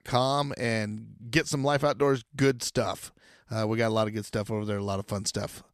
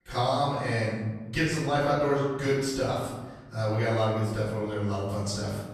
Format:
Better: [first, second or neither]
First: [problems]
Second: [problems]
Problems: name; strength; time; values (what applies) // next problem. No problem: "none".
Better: first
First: none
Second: off-mic speech; far // room echo; strong; dies away in 1.2 s